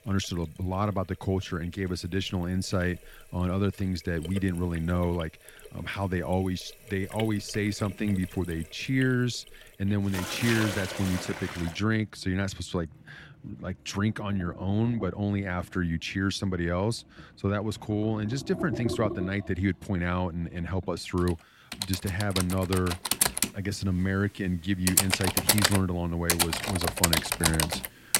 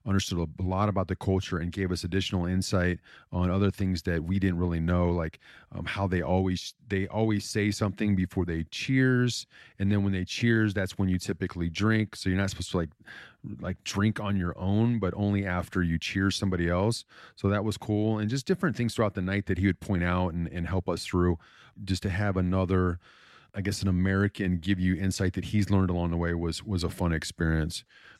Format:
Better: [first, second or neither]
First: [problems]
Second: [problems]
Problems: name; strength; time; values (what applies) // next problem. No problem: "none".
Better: second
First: household noises; very loud; throughout; 1 dB above the speech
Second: none